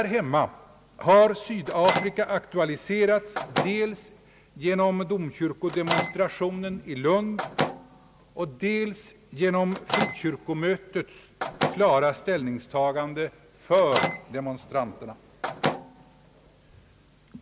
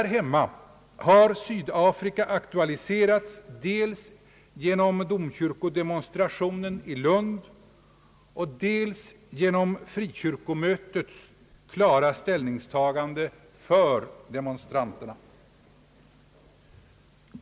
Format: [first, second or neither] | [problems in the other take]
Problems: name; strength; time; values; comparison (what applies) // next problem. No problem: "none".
second | background sound (Microwave oven); 8 dB below the speech